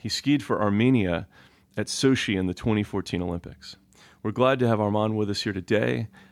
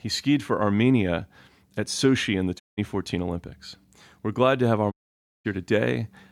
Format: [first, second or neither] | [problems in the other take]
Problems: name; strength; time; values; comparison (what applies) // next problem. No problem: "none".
first | audio cutting out; at 2.5 s and at 5 s for 0.5 s